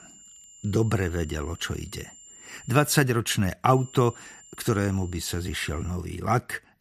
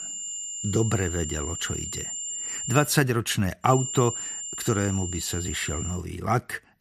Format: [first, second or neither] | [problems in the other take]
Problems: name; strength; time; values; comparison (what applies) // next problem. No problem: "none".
first | high-pitched whine; loud; until 3 s and from 3.5 to 6 s; 7 kHz, 5 dB below the speech; faint in the first